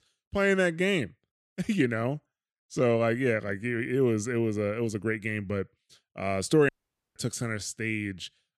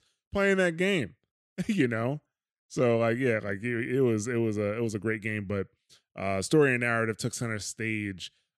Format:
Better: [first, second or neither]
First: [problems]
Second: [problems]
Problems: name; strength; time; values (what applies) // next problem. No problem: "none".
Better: second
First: audio cutting out; at 6.5 s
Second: none